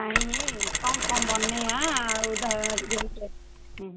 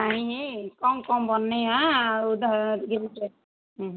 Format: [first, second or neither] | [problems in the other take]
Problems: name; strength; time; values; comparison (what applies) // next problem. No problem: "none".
second | background sound (Mechanisms); 2 dB above the speech